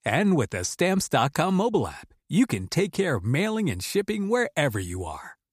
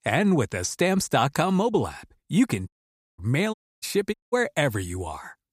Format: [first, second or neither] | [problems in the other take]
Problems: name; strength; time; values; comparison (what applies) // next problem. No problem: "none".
first | audio cutting out; at 2.5 s for 0.5 s, at 3.5 s and at 4 s